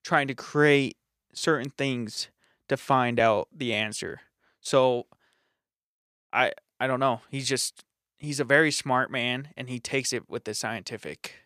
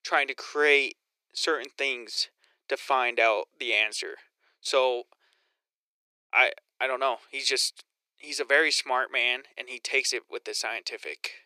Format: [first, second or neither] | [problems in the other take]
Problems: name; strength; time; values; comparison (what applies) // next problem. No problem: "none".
first | thin; very; fading below 350 Hz